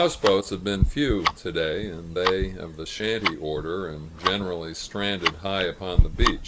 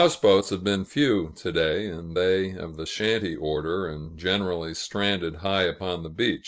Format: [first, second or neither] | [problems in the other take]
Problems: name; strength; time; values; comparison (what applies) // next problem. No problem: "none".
second | background sound (Tick-tock); 1 dB below the speech